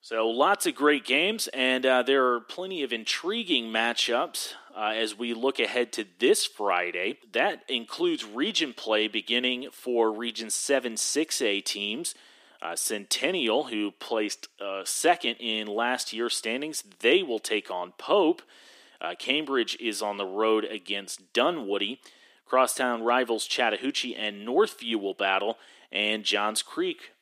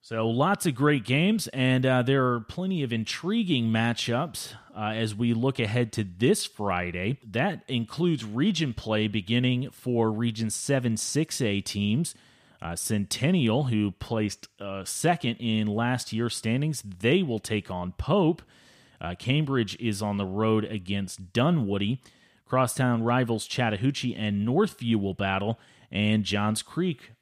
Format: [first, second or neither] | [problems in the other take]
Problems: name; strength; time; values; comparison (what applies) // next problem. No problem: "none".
second | thin; somewhat; fading below 300 Hz